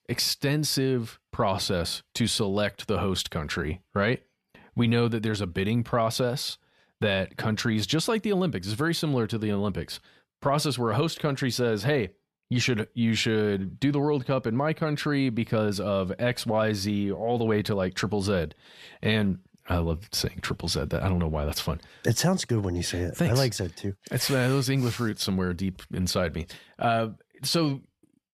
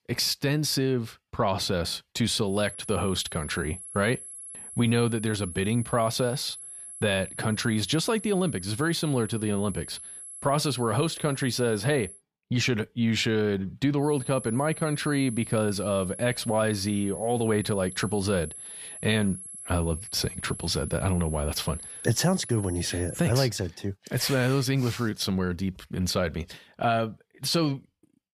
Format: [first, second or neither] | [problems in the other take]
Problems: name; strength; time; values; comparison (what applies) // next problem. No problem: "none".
first | high-pitched whine; noticeable; from 2.5 to 12 s and from 14 to 23 s; 11 kHz, 10 dB below the speech